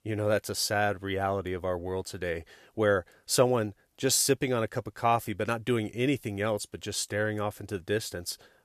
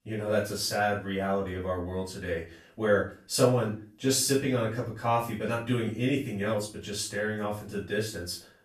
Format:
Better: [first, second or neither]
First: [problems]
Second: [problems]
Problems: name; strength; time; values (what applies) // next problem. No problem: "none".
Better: first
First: none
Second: off-mic speech; far // room echo; slight; dies away in 0.3 s